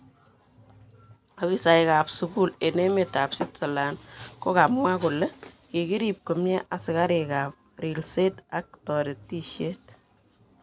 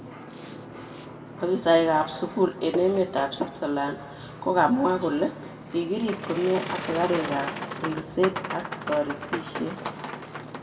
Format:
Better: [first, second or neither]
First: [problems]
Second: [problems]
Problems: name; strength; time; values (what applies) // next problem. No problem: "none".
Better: first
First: none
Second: background sound (Boat, Water vehicle); 10 dB below the speech // room echo; dies away in 1.2 s